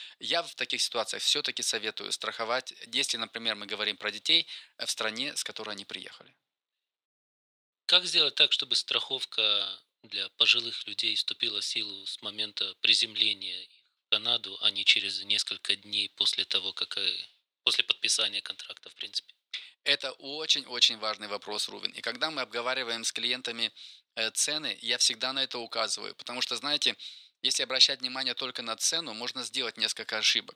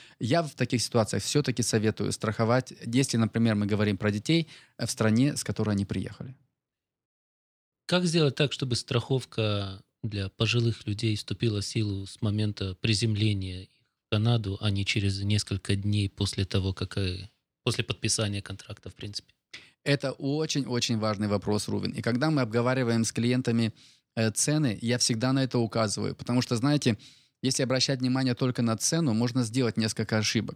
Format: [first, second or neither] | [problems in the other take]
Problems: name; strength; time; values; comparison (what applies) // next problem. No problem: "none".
second | thin; very; fading below 650 Hz